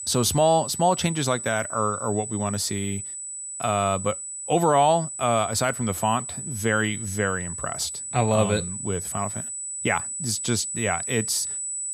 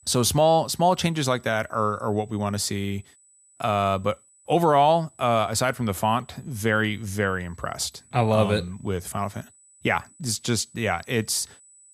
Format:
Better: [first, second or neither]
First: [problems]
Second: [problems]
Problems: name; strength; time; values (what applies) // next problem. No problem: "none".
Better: second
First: high-pitched whine; loud; throughout; 8 kHz, 6 dB below the speech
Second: high-pitched whine; faint; throughout; 8 kHz, 30 dB below the speech